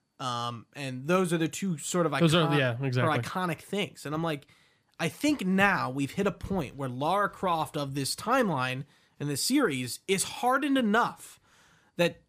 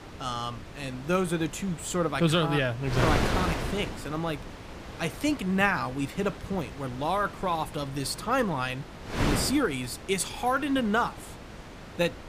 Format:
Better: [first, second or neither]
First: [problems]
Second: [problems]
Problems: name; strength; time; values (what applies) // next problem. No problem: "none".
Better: first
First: none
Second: wind noise on the microphone; heavy; 9 dB below the speech